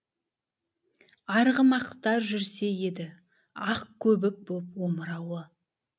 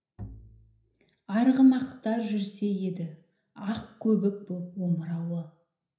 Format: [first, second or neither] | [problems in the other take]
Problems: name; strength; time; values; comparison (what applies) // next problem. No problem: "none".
first | background sound (Bowed string instrument); 19 dB below the speech // room echo; dies away in 0.5 s